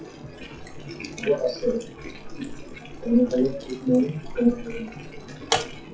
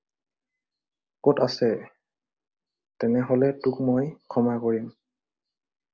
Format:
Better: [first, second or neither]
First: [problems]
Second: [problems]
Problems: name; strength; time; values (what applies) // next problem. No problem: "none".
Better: second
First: noise reduction (classical method WPE with log-MMSE)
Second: none